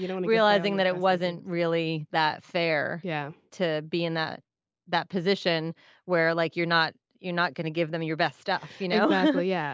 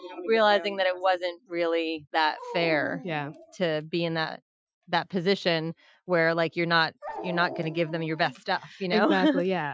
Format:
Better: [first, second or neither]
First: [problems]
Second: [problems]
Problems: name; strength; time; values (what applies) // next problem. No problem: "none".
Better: first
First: none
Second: noise reduction (classical method Wiener filter)